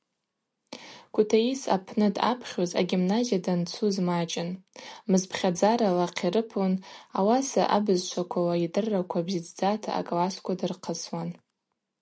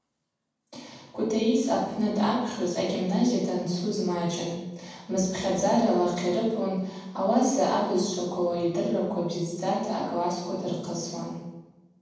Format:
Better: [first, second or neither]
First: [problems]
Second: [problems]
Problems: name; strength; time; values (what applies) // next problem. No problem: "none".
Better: first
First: none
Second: room echo; dies away in 1.2 s